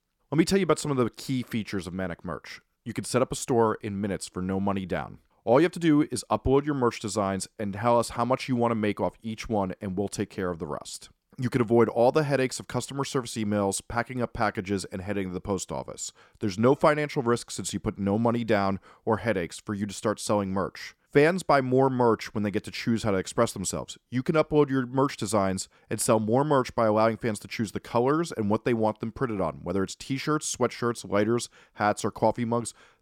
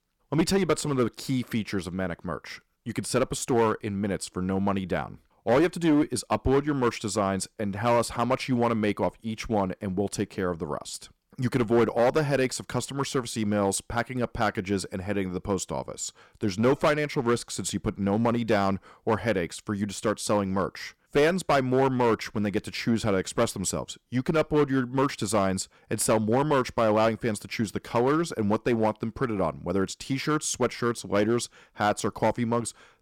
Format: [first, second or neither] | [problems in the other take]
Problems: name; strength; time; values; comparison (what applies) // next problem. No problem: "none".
first | distortion; slight; 5% of the sound clipped